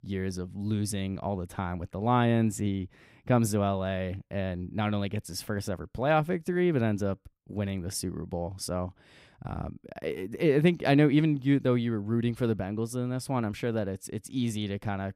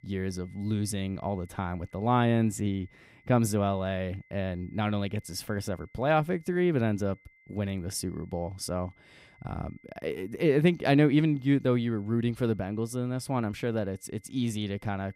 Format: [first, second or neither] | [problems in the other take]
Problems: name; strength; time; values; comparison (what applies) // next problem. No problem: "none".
first | high-pitched whine; faint; throughout; 2 kHz, 30 dB below the speech